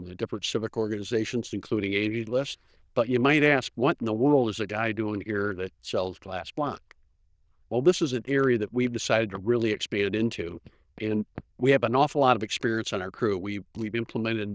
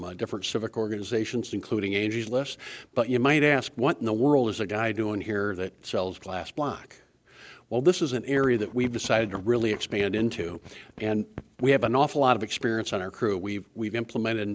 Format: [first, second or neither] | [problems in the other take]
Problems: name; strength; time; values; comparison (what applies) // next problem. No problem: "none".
second | noise reduction (neural diffusion model UNIVERSE++)